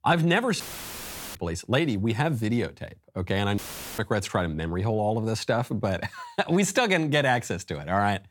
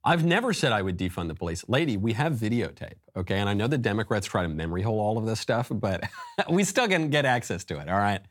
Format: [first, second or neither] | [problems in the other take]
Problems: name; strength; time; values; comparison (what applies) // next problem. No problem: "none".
second | audio cutting out; filled with static; at 0.5 s for 1 s and at 3.5 s